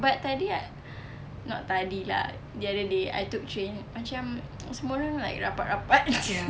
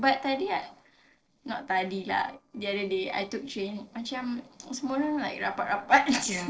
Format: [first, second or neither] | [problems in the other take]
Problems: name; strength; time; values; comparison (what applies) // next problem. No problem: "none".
first | noise reduction (neural separator model SepFormer DNS4)